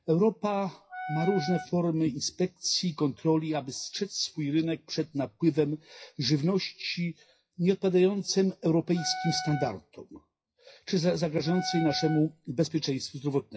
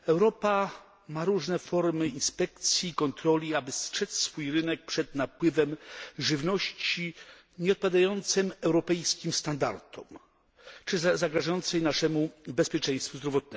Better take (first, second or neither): second